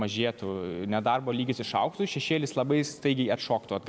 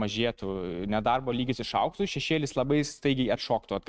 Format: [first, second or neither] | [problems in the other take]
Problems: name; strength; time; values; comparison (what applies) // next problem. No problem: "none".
first | noise reduction (neural mask model RNNoise)